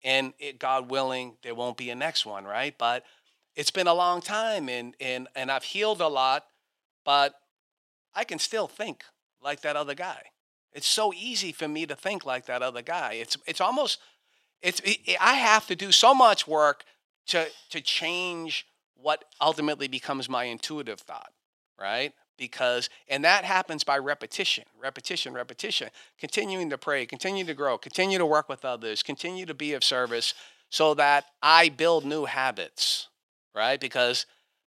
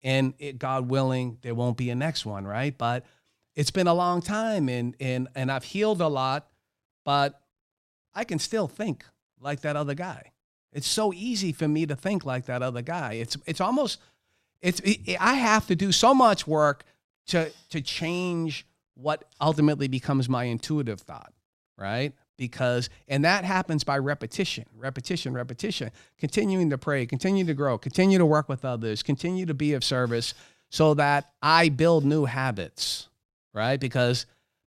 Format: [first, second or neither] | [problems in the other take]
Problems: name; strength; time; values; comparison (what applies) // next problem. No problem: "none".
second | thin; somewhat; fading below 450 Hz